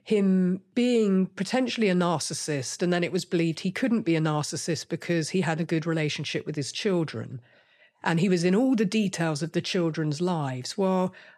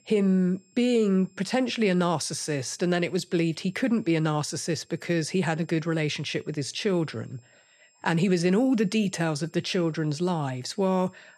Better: first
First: none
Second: high-pitched whine; faint; throughout; 7.5 kHz, 35 dB below the speech

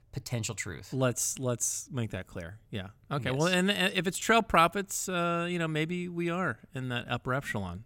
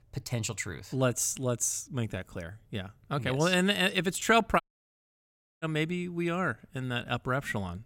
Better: first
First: none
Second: audio cutting out; at 4.5 s for 1 s

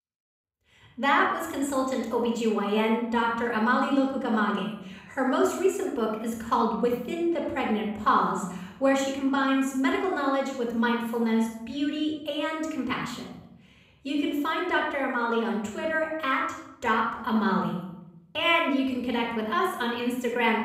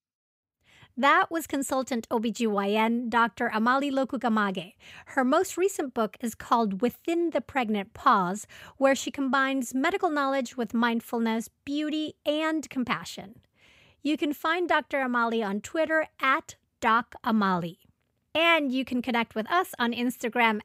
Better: second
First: off-mic speech; far // room echo; noticeable; dies away in 0.8 s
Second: none

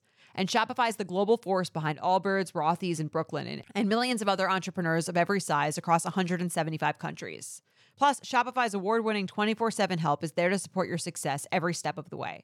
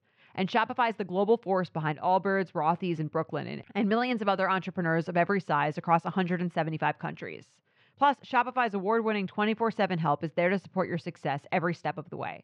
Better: first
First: none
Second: muffled; slightly; fading above 3 kHz

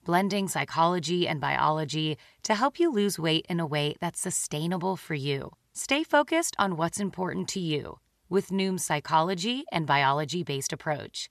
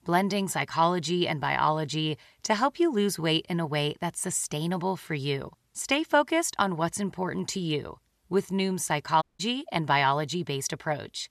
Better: first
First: none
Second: audio cutting out; at 9 s

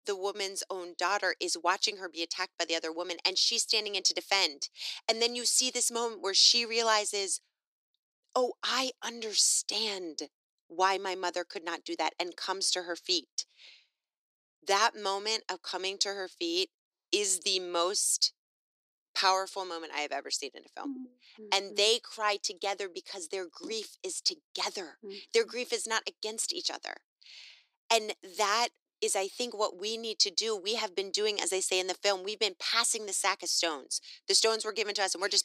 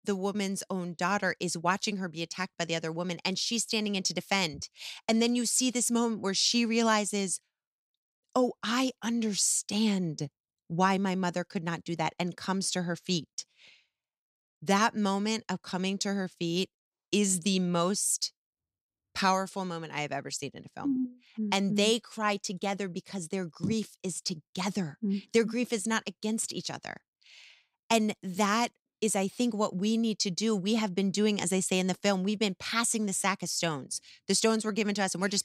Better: second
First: thin; very; fading below 300 Hz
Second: none

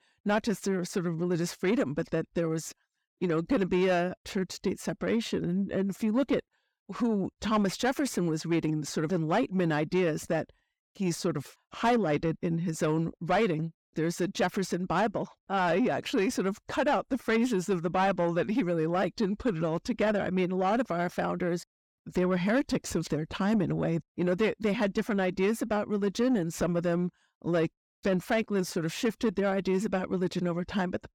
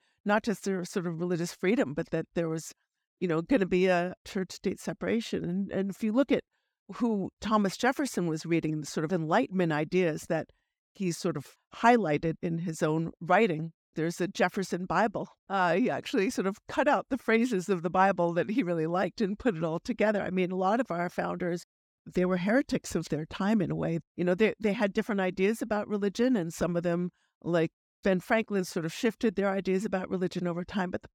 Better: second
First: distortion; slight; 10 dB below the speech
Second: none

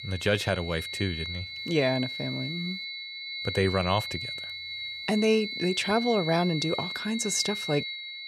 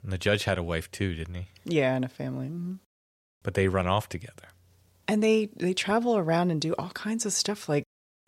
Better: second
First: high-pitched whine; loud; throughout; 4 kHz, 5 dB below the speech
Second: none

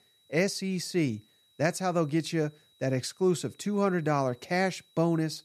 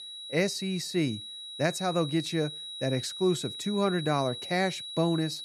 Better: first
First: high-pitched whine; faint; throughout; 4 kHz, 35 dB below the speech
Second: high-pitched whine; loud; throughout; 4 kHz, 8 dB below the speech

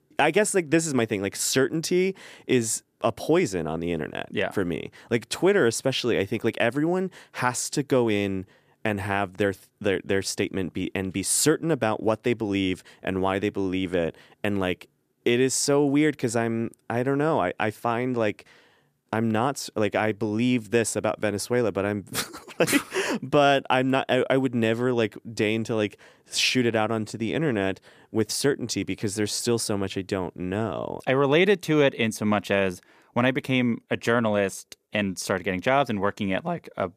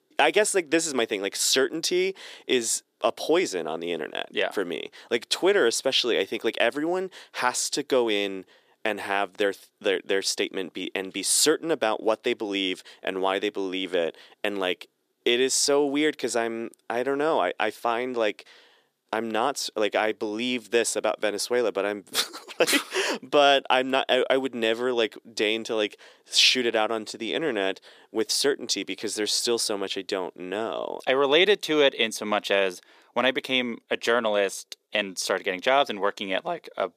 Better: first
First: none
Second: thin; somewhat; fading below 400 Hz

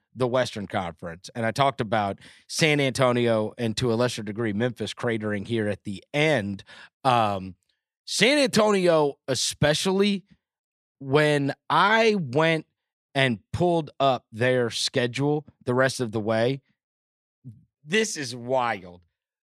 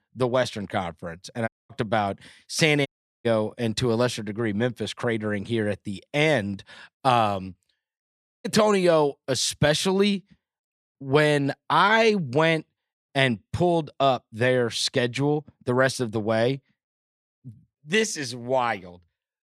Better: first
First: none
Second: audio cutting out; at 1.5 s, at 3 s and at 8 s

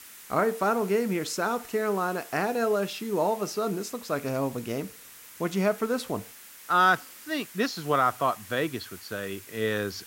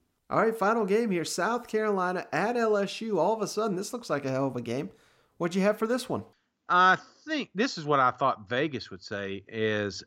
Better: second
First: hiss; noticeable; throughout; 15 dB below the speech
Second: none

